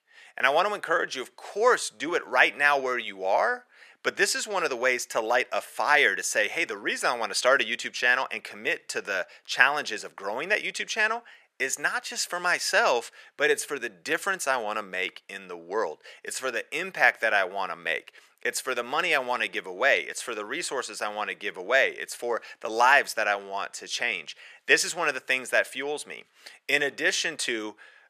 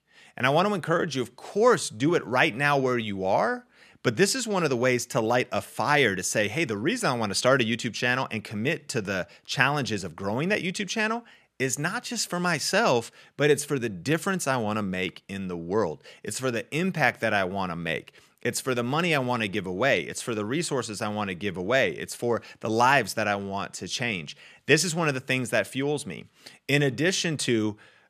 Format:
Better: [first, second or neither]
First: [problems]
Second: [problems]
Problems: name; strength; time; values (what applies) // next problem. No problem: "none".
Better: second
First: thin; very; fading below 550 Hz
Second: none